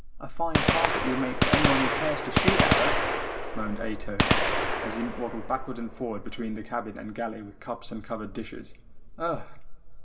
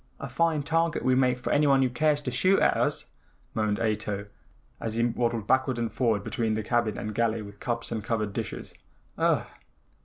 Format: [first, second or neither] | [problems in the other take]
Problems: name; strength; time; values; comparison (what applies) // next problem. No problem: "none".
second | background sound (Gunshot, gunfire); 4 dB above the speech // room echo; dies away in 1.5 s